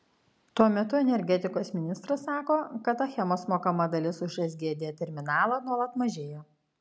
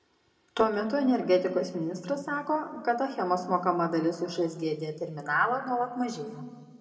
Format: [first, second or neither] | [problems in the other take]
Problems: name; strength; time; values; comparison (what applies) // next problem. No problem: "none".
first | room echo; dies away in 1.7 s